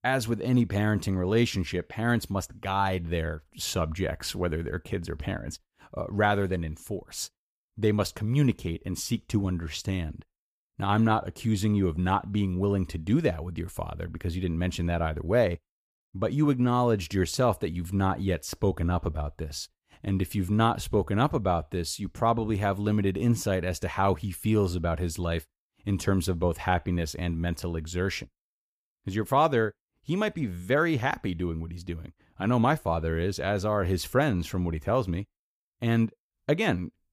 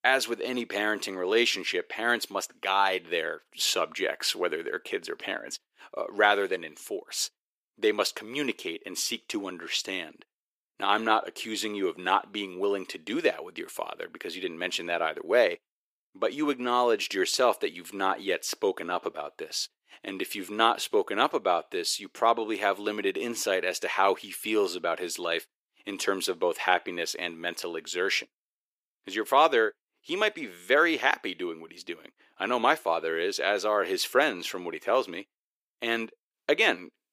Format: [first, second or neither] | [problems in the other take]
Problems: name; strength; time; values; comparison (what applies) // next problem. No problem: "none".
first | thin; very; fading below 350 Hz